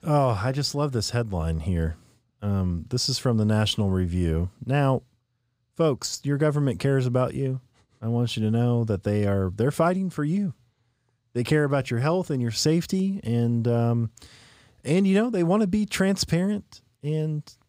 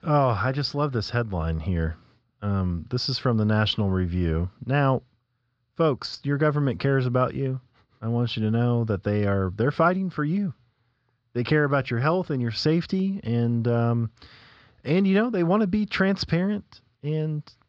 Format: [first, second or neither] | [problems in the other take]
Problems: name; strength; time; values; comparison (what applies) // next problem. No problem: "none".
first | muffled; very slightly; fading above 5 kHz